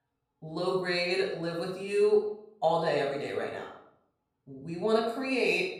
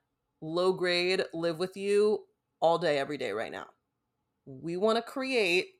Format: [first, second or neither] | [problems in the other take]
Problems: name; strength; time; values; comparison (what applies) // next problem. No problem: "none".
second | off-mic speech; far // room echo; noticeable; dies away in 0.5 s